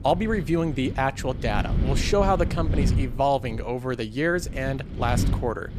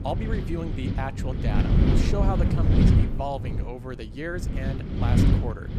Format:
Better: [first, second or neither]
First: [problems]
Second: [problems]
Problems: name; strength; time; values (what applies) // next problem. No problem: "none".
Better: first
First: wind noise on the microphone; occasional gusts; 15 dB below the speech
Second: wind noise on the microphone; heavy; 1 dB above the speech